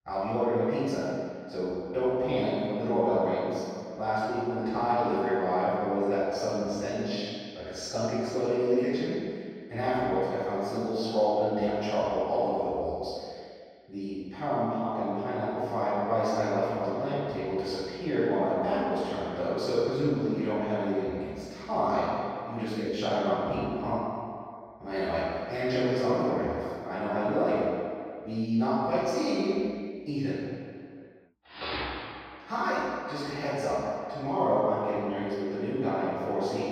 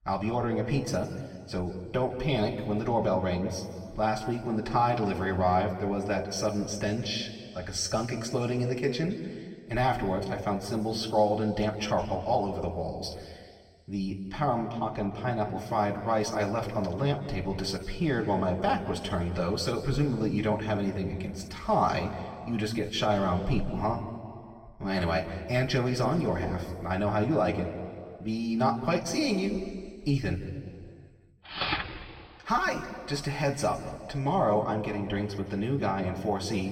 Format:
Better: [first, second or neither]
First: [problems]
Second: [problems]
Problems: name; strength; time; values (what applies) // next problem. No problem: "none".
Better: second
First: room echo; strong; dies away in 2.2 s // off-mic speech; far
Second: room echo; slight; dies away in 1.9 s // off-mic speech; somewhat distant